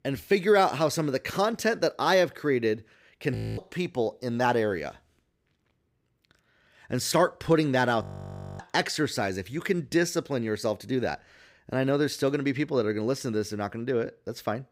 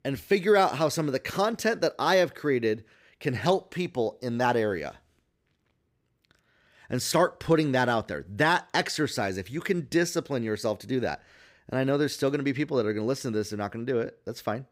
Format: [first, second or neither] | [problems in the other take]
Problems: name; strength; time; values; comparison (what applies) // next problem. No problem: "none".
second | audio freezing; at 3.5 s and at 8 s for 0.5 s